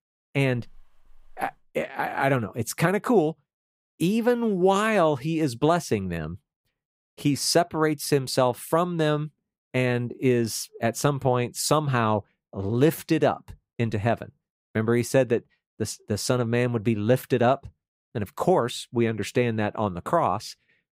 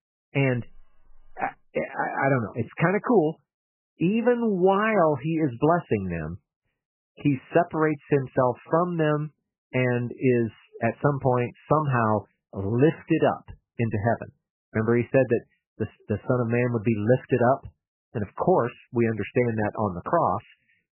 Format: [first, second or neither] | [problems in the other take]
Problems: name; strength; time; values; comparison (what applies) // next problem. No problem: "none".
first | garbled, watery; badly; nothing above 3 kHz